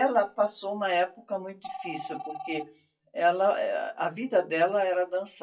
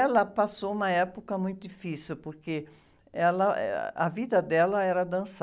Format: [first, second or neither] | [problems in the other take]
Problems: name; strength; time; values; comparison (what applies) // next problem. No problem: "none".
second | noise reduction (classical method WPE with log-MMSE)